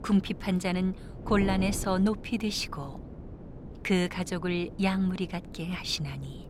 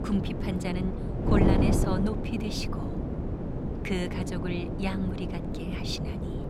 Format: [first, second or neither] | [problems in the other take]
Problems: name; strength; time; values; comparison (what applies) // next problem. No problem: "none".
first | wind noise on the microphone; heavy; as loud as the speech; occasional gusts in the first